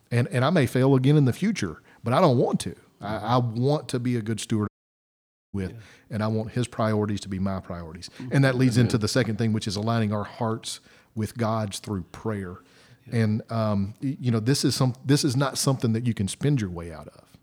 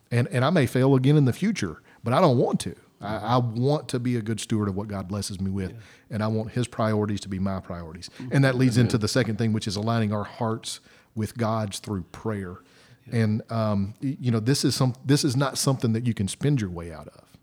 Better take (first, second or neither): second